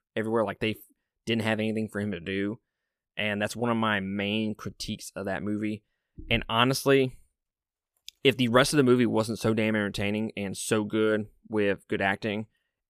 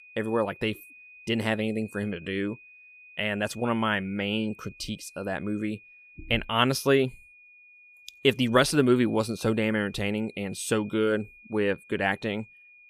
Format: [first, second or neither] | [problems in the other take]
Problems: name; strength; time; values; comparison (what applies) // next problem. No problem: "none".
first | high-pitched whine; faint; throughout; 2.5 kHz, 25 dB below the speech